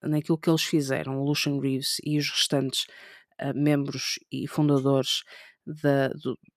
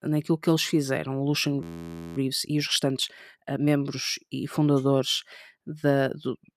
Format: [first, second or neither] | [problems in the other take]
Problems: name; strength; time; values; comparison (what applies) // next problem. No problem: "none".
first | audio freezing; at 1.5 s for 0.5 s